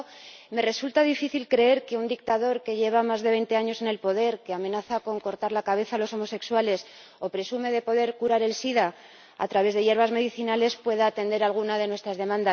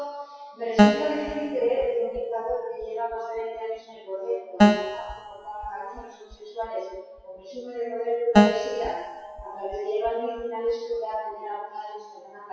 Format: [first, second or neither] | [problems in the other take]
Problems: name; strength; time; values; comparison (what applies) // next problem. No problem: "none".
first | noise reduction (classical method WPE with log-MMSE)